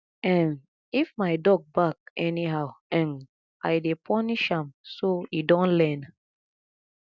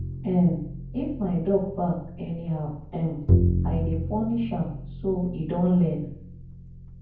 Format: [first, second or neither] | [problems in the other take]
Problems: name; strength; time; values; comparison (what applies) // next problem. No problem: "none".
first | background sound (Bowed string instrument); 2 dB below the speech // room echo; dies away in 0.9 s